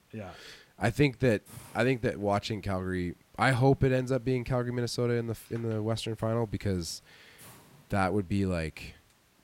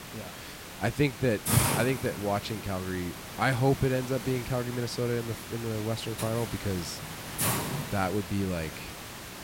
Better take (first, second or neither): first